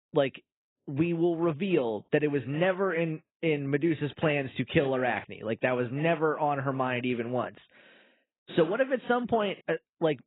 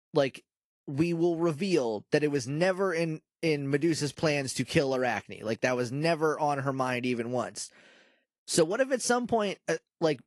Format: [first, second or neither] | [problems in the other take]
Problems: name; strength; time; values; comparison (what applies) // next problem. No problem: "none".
second | garbled, watery; badly; nothing above 4 kHz; slightly in the second